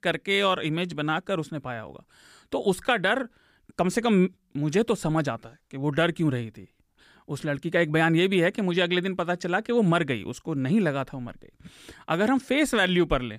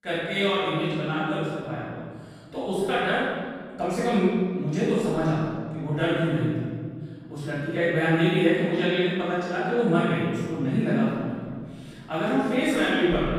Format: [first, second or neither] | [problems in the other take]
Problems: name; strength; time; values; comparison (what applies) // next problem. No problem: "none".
first | off-mic speech; far // room echo; strong; dies away in 1.8 s